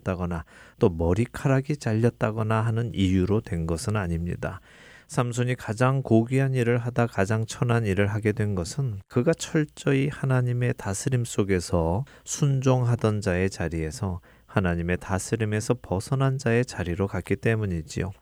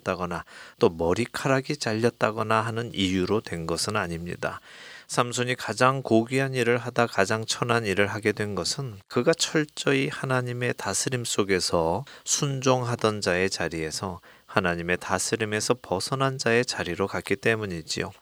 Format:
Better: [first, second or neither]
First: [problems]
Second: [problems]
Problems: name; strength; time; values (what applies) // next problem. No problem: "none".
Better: first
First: none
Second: thin; somewhat; fading below 900 Hz